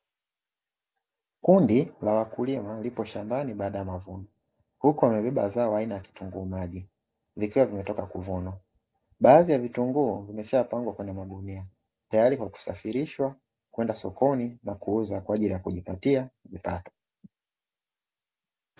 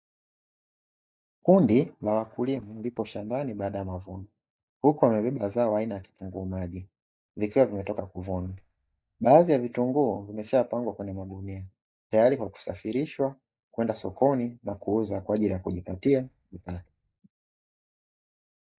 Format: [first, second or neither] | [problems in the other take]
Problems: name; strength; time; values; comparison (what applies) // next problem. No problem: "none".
first | noise reduction (neural mask model DeepFilterNet 3)